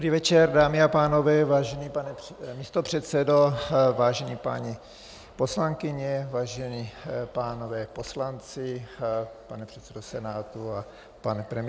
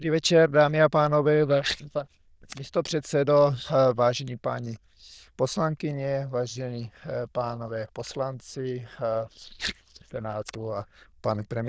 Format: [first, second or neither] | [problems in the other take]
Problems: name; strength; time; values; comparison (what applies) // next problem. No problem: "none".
first | noise reduction (neural diffusion model UNIVERSE++)